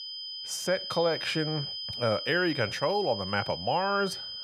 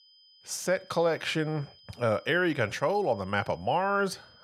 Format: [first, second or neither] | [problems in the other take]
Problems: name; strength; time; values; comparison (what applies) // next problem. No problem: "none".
second | high-pitched whine; loud; throughout; 5 kHz, 6 dB below the speech; faint in the second